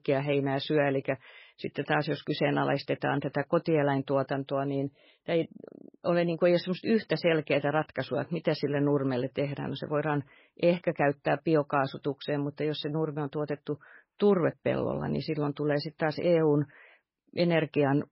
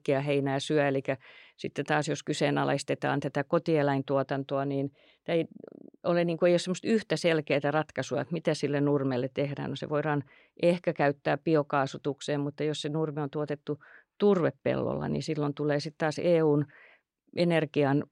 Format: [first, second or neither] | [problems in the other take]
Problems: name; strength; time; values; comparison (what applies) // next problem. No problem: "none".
second | garbled, watery; badly; nothing above 5.5 kHz